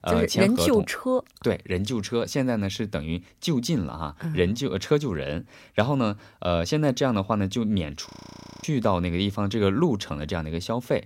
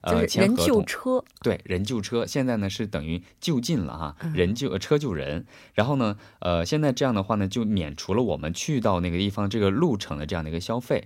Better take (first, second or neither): second